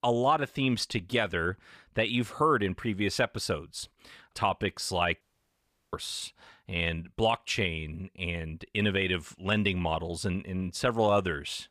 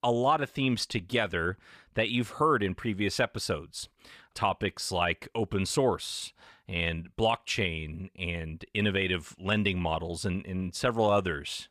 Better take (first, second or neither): second